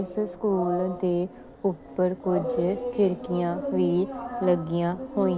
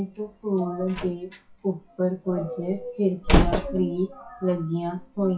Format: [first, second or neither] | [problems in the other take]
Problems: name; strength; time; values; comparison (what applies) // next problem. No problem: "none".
first | noise reduction (classical method WPE with log-MMSE)